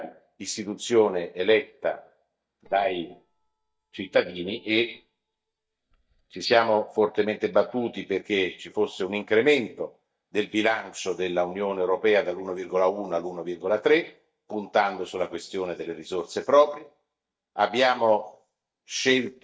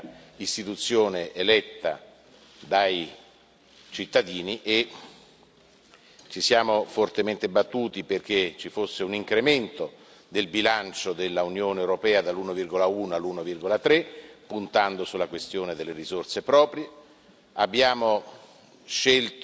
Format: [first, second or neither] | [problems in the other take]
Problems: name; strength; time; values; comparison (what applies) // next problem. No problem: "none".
second | noise reduction (neural mask model DeepFilterNet 3)